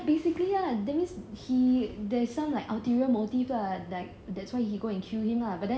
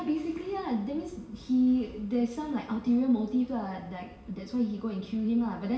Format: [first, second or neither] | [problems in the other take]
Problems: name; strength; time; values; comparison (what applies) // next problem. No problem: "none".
first | room echo; dies away in 0.8 s